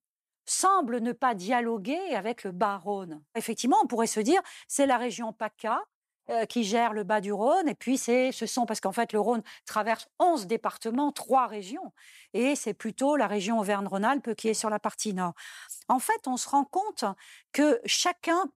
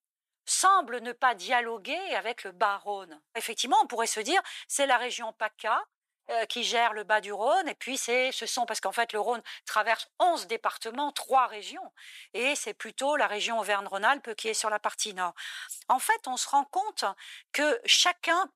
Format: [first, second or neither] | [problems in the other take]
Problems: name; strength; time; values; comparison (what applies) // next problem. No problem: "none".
first | thin; somewhat; fading below 550 Hz